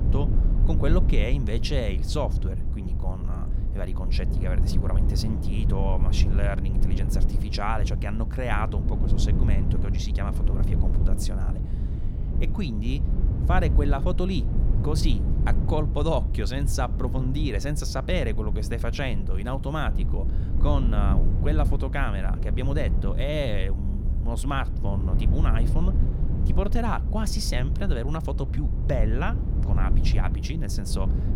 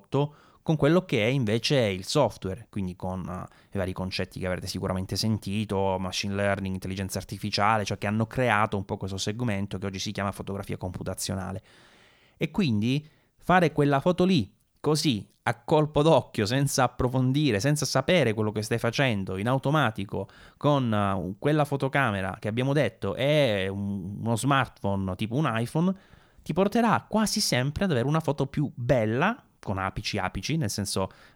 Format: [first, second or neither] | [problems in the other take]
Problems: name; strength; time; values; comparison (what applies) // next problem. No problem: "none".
second | low rumble; loud; throughout; 8 dB below the speech